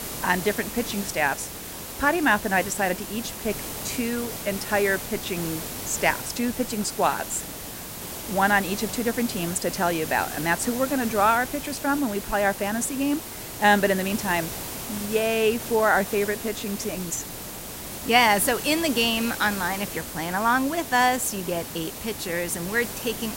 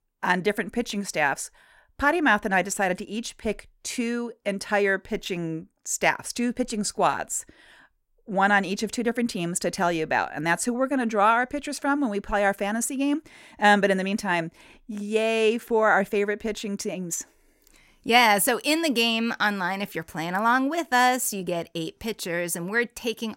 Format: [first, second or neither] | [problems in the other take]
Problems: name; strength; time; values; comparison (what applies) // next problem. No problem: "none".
second | hiss; loud; throughout; 8 dB below the speech